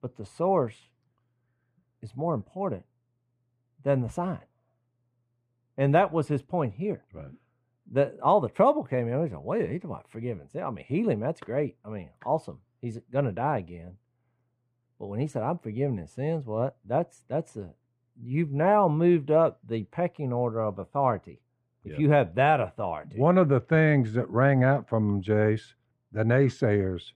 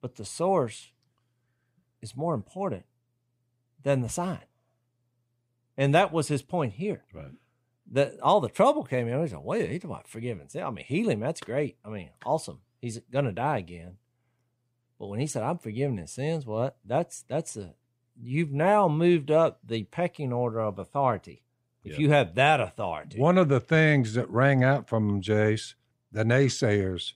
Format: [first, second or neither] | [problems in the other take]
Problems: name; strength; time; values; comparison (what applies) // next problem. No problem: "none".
second | muffled; very; fading above 3 kHz